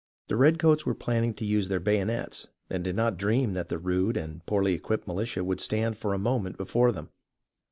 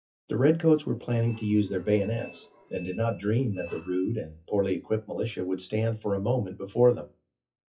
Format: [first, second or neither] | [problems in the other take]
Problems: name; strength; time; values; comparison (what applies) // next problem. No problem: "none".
first | noise reduction (classical method WPE with log-MMSE)